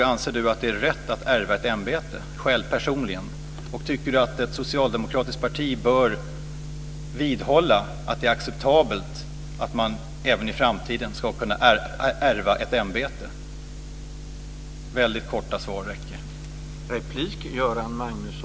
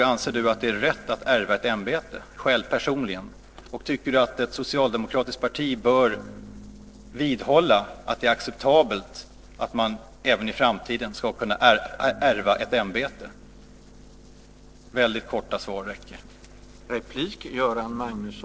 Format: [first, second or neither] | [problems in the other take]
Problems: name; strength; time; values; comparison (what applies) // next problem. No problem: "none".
first | noise reduction (neural separator model SepFormer DNS4)